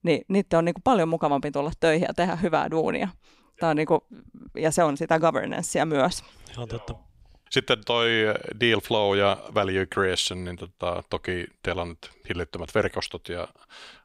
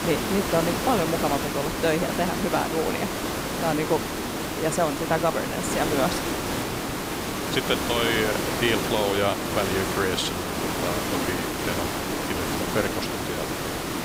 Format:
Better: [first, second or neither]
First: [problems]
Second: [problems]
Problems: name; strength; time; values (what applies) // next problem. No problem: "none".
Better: first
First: none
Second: hiss; loud; throughout; as loud as the speech